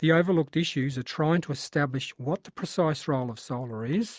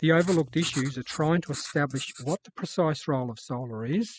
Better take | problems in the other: first | noise reduction (classical method spectral subtraction)

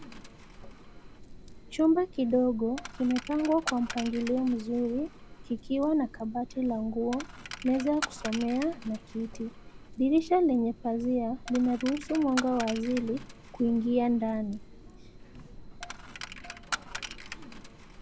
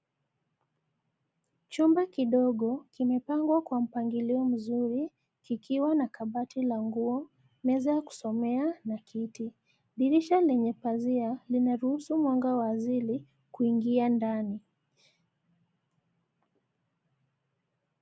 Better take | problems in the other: second | background sound (Coin (dropping)); 12 dB below the speech

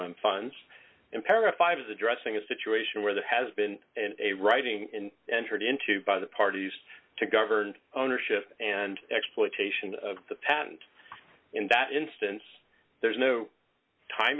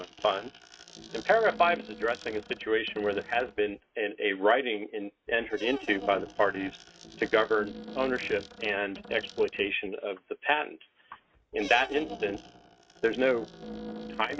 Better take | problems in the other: first | noise reduction (neural mask model RNNoise)

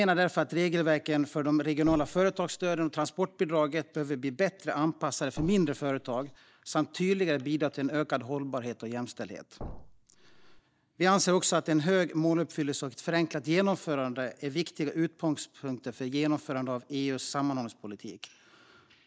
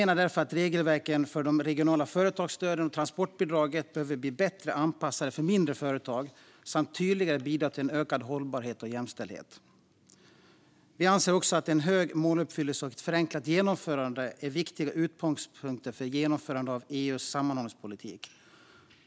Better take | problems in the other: second | noise reduction (neural mask model DeepFilterNet 3)

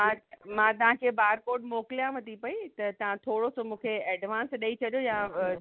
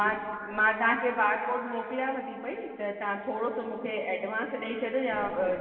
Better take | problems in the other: first | room echo; dies away in 2.4 s

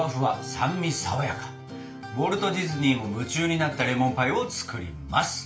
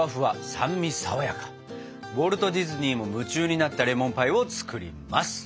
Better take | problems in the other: second | room echo; dies away in 0.3 s

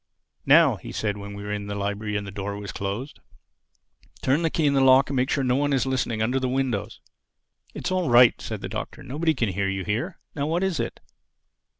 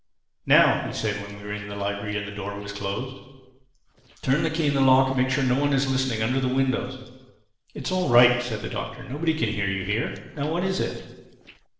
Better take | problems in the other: first | noise reduction (neural separator model SepFormer DNS4)

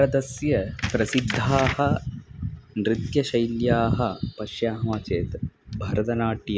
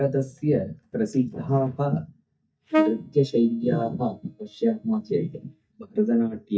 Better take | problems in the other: first | noise reduction (neural mask model DeepFilterNet 3)

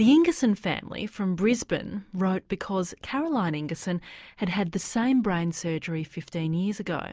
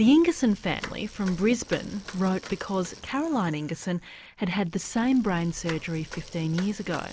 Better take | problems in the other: first | background sound (Bicycle); 18 dB below the speech

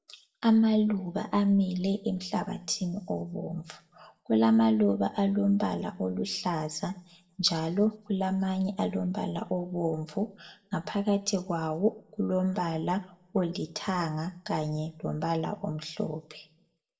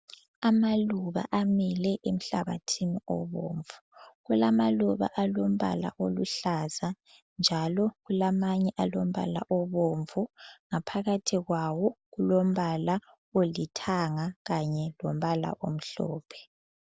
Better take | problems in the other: second | room echo; dies away in 0.4 s

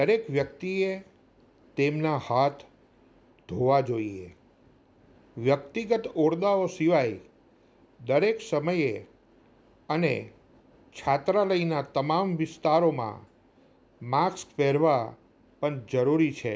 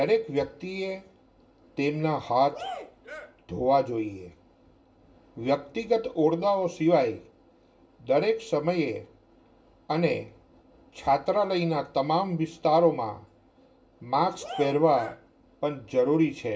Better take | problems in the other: first | background sound (Cheering); 13 dB below the speech // room echo; dies away in 0.2 s

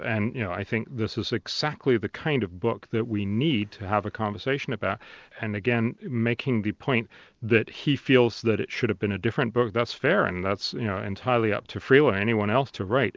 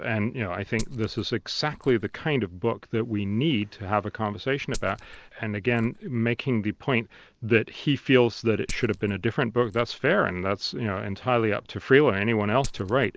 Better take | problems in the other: first | background sound (Glass); 18 dB below the speech

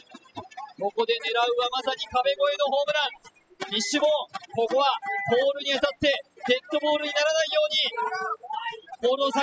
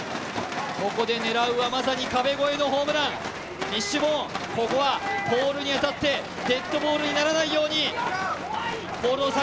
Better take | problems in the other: second | noise reduction (classical method spectral subtraction)

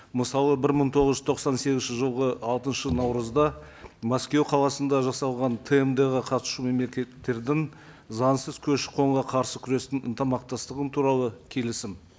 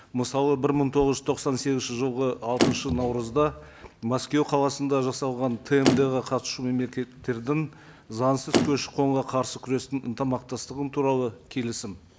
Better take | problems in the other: first | background sound (Motor vehicle (road)); 3 dB below the speech

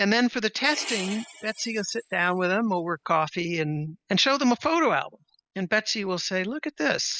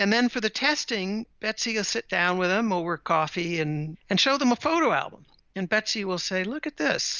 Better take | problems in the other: second | noise reduction (classical method spectral subtraction)

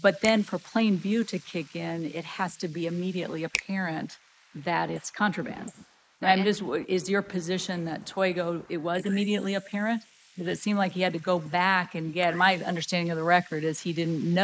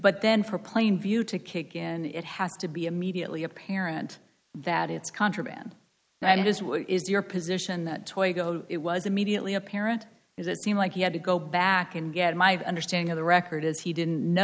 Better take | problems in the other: second | noise reduction (neural mask model Resemble Enhance denoiser)

